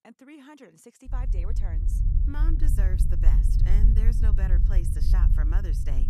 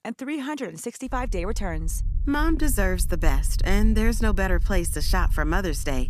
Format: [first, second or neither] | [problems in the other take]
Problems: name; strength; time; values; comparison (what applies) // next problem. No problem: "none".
second | low rumble; loud; from 1 s on; 1 dB below the speech; faint in the second